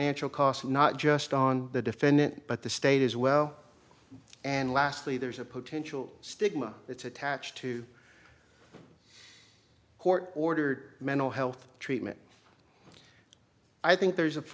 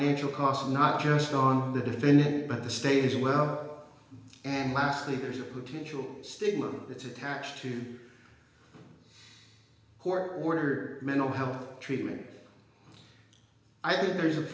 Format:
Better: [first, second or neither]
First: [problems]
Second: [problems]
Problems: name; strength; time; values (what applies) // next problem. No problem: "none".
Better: first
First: none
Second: room echo; dies away in 1.1 s